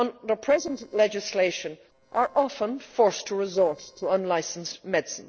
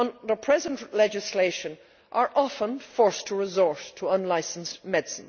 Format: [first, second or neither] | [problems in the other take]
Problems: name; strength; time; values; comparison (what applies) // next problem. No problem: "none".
second | noise reduction (neural separator model SepFormer DNS4)